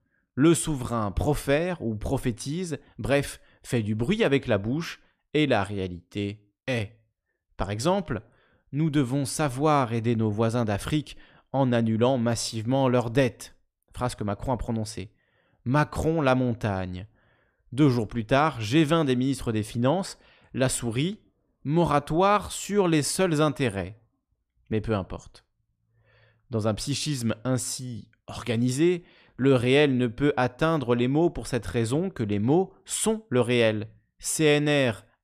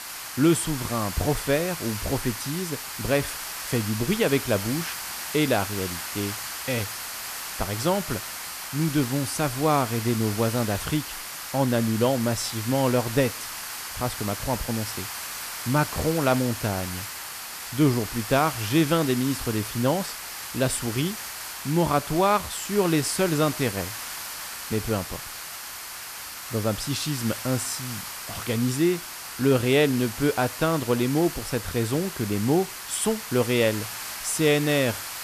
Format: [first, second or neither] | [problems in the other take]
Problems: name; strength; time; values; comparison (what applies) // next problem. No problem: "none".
first | hiss; loud; throughout; 7 dB below the speech